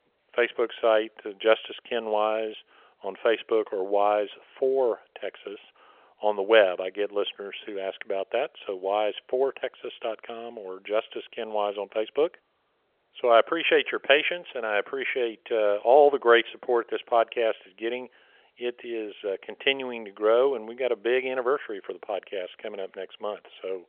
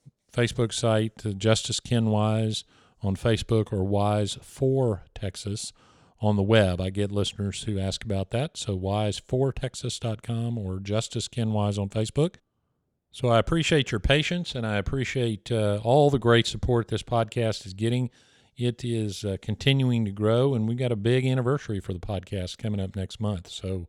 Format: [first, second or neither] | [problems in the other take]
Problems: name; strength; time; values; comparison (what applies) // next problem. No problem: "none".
second | phone-call audio; nothing above 3.5 kHz